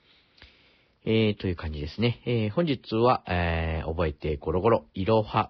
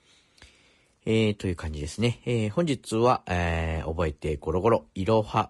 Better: second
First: garbled, watery; badly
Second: garbled, watery; slightly; nothing above 10.5 kHz

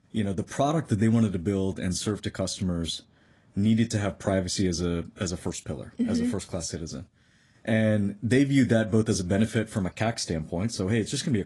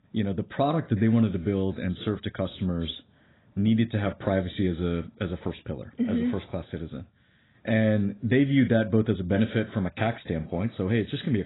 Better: first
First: garbled, watery; slightly; nothing above 10.5 kHz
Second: garbled, watery; badly; nothing above 4 kHz

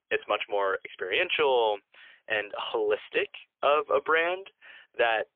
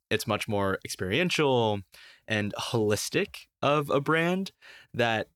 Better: second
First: phone-call audio; poor line; nothing above 3.5 kHz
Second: none

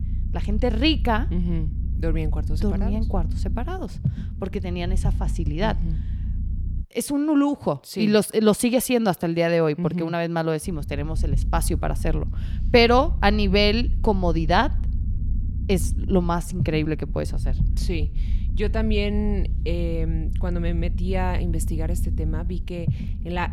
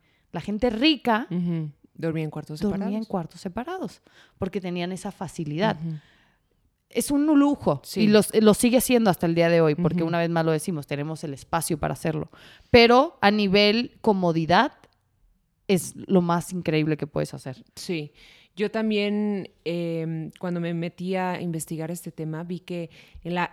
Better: second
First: low rumble; noticeable; until 7 s and from 11 s on; 20 dB below the speech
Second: none

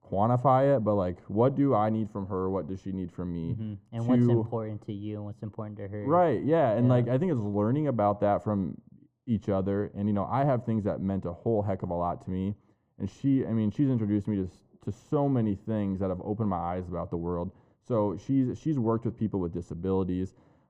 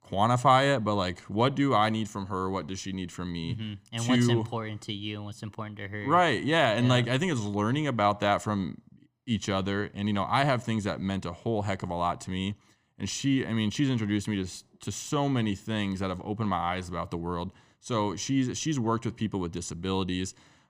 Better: second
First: muffled; very; fading above 1.5 kHz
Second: none

